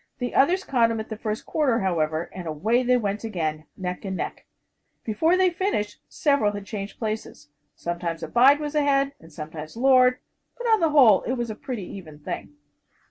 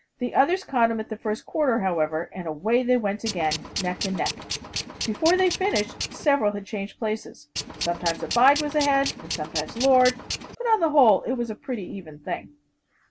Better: first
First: none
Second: background sound (Tools); 8 dB below the speech

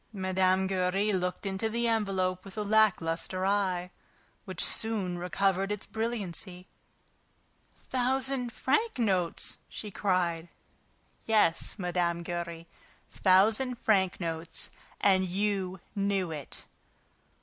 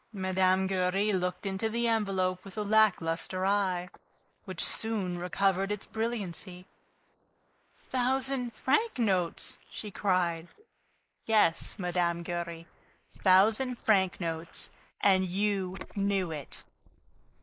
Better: first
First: none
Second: noise reduction (neural mask model Resemble Enhance denoiser)

